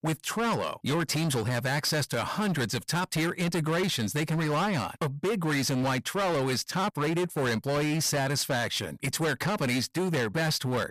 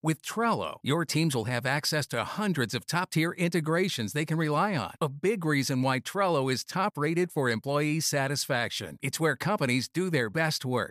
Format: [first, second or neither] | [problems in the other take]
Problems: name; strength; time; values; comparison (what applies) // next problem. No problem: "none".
second | distortion; heavy; 25% of the sound clipped